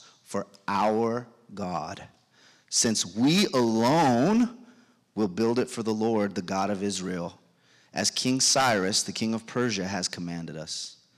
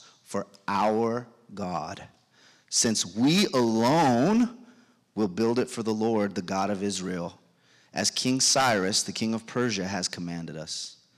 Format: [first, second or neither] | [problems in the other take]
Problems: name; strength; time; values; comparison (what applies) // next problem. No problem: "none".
neither | distortion; slight; 4% of the sound clipped; the same in both